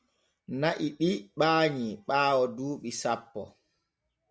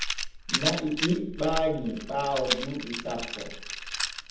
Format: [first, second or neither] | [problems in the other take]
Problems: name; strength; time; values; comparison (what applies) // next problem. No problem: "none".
first | background sound (Rattle); 2 dB below the speech // room echo; dies away in 0.8 s